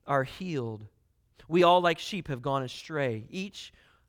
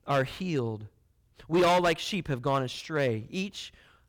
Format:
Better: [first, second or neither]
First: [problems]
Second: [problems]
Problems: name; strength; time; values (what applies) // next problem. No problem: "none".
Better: first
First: none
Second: distortion; heavy; 5% of the sound clipped